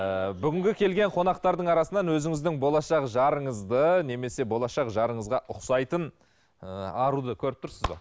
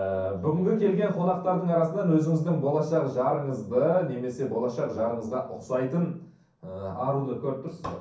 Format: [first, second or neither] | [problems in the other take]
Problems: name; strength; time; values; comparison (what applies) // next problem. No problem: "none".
first | room echo; dies away in 0.6 s